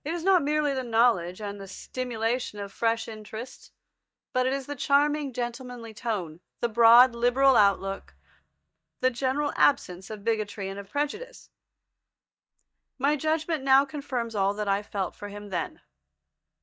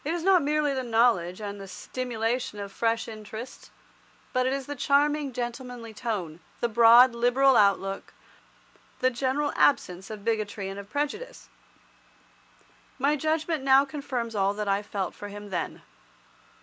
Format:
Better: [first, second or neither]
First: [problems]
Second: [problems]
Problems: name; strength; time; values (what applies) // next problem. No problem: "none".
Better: second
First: noise reduction (neural mask model DeepFilterNet 3)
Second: none